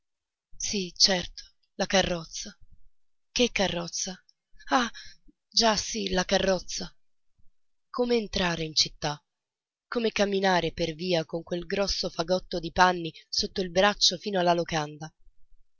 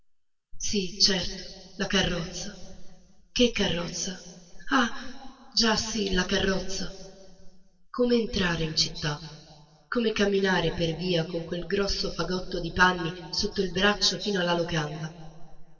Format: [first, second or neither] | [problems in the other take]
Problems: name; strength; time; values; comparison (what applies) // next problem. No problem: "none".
first | room echo; dies away in 1.8 s